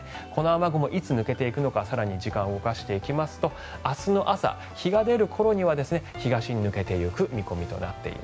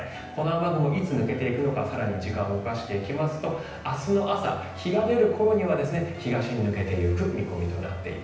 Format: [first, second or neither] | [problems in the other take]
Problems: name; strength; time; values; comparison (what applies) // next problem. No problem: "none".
first | room echo; dies away in 0.9 s